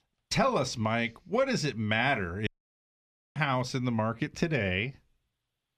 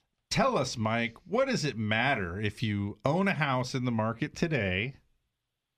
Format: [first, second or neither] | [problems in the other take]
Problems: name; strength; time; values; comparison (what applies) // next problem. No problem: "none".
second | audio cutting out; at 2.5 s for 1 s